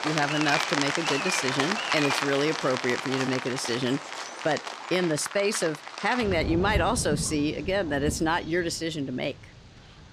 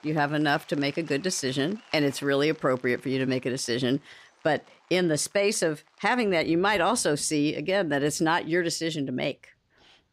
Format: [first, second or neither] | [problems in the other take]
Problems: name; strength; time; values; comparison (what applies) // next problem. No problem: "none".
second | rain or running water; loud; throughout; 3 dB below the speech; faint in the second